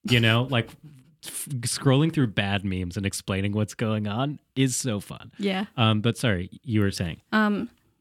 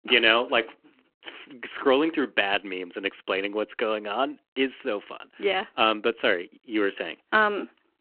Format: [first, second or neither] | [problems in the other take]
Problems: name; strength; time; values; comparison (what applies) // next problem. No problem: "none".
first | phone-call audio